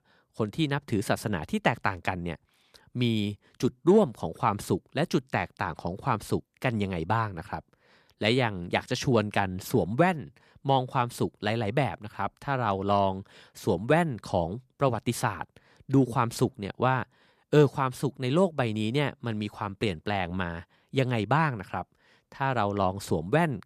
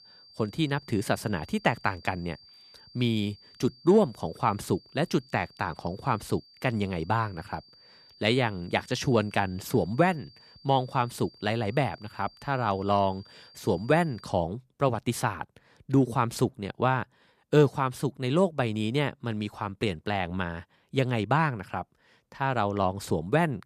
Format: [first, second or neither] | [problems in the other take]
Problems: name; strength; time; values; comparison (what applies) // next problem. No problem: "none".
first | high-pitched whine; faint; until 14 s; 4.5 kHz, 25 dB below the speech